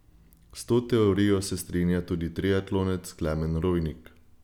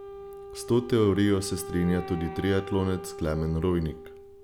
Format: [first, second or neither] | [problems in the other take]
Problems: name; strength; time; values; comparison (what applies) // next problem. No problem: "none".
first | background sound (Wind instrument, woodwind instrument); 13 dB below the speech